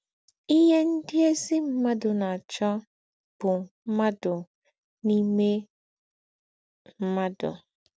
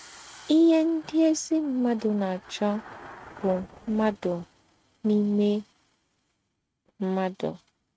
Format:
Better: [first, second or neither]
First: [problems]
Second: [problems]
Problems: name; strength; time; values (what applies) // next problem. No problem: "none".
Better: first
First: none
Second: noise reduction (neural mask model RNNoise)